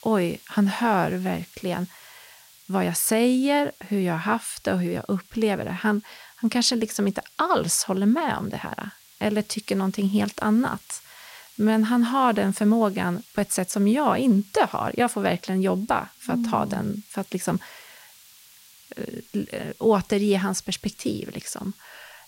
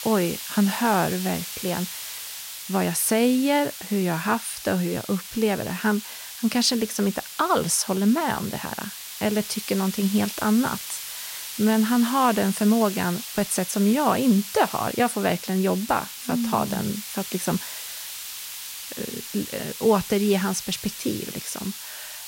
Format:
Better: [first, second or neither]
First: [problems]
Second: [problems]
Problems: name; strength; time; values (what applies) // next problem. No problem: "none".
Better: first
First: hiss; faint; throughout; 25 dB below the speech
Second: hiss; loud; throughout; 9 dB below the speech